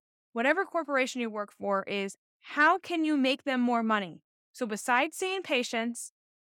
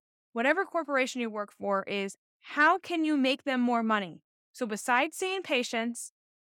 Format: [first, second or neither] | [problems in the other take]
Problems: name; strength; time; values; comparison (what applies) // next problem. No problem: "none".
neither | none